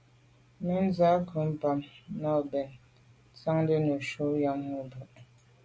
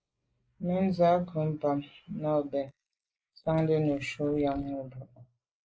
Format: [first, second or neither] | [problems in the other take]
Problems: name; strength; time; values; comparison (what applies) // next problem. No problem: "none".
first | noise reduction (neural mask model Resemble Enhance denoiser)